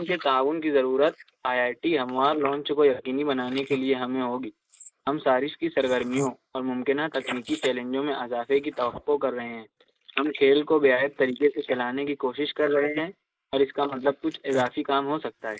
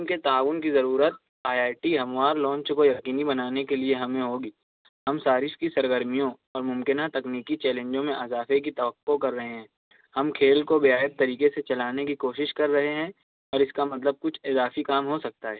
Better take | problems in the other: second | noise reduction (neural mask model Resemble Enhance denoiser)

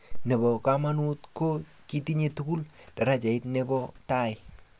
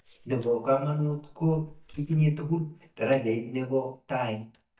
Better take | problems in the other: first | noise reduction (neural mask model DeepFilterNet 3)

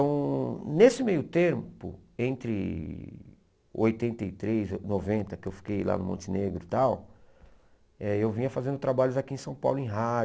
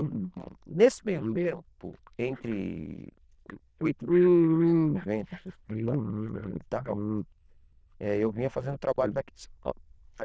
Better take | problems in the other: first | noise reduction (neural diffusion model UNIVERSE++)

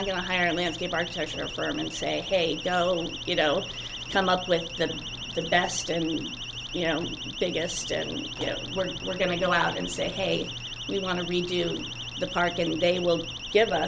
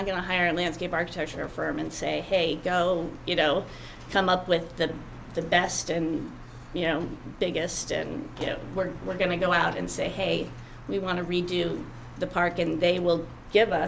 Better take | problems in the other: second | background sound (Siren); 9 dB below the speech

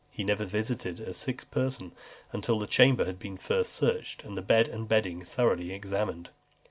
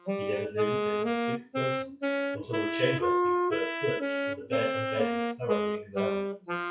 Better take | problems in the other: first | noise reduction (classical method WPE with log-MMSE)

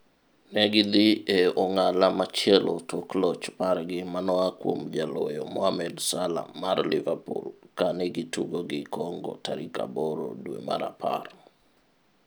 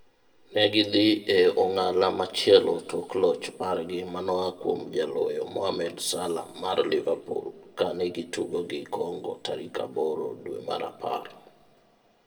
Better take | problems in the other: first | room echo; dies away in 1.7 s

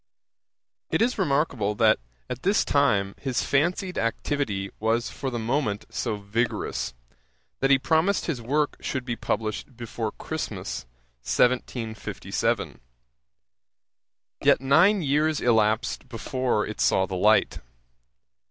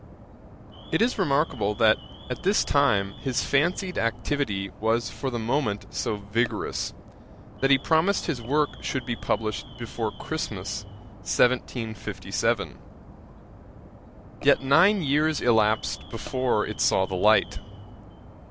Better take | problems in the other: first | background sound (Alarm); 17 dB below the speech

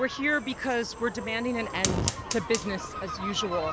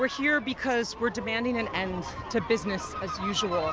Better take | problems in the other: second | background sound (Fire); 7 dB below the speech

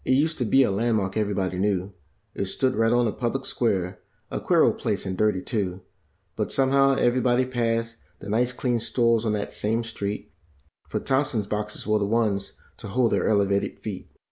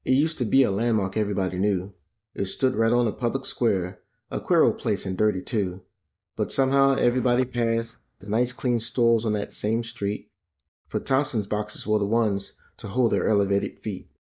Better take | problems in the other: first | noise reduction (neural mask model DeepFilterNet 3)

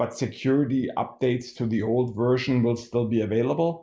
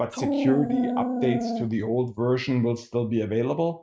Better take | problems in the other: first | noise reduction (neural mask model RNNoise)

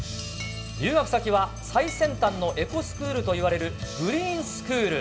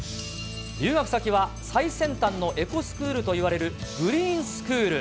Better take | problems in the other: second | background sound (Glass); 16 dB below the speech // room echo; dies away in 1.6 s

